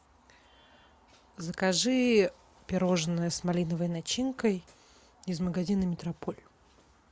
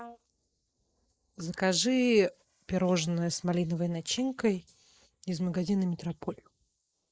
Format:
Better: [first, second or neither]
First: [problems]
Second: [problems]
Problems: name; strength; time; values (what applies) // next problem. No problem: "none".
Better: first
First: none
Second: noise reduction (neural mask model Resemble Enhance denoiser)